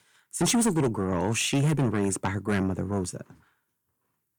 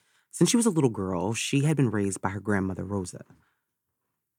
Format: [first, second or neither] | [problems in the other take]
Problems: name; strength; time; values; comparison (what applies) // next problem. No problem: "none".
second | distortion; heavy; 7 dB below the speech